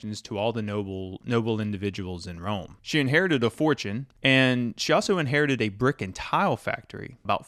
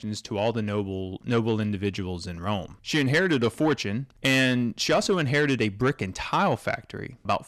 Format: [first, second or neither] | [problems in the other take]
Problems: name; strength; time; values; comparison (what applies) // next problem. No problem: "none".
first | distortion; slight; 10 dB below the speech